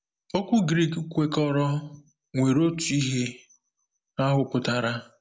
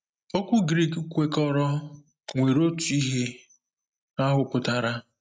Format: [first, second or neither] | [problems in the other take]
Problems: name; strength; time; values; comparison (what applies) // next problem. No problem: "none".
first | noise reduction (neural mask model RNNoise)